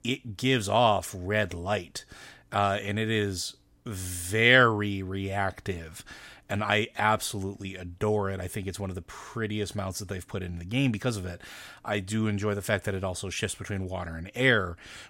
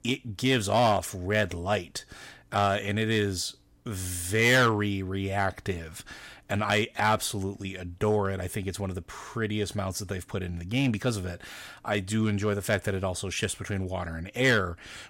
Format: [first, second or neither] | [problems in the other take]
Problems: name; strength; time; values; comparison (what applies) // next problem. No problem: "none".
first | distortion; slight; 3% of the sound clipped